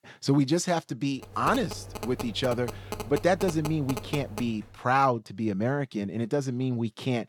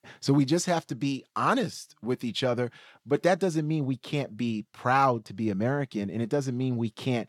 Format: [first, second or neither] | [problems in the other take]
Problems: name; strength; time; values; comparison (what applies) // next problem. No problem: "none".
second | phone ringing; noticeable; from 1 to 4.5 s; peak 8 dB below the speech